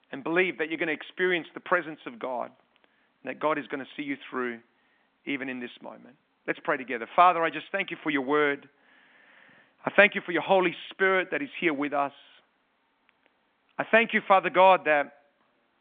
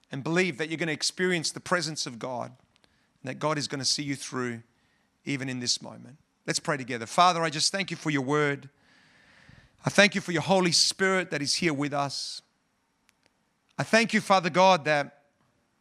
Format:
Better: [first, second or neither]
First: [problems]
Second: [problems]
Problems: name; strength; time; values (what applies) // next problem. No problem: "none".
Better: second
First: phone-call audio; nothing above 3.5 kHz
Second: none